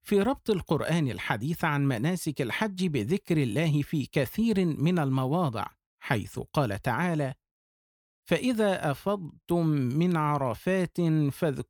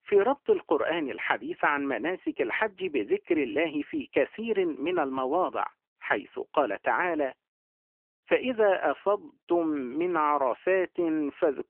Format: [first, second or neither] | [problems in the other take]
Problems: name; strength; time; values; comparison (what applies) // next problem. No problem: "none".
first | phone-call audio; nothing above 3 kHz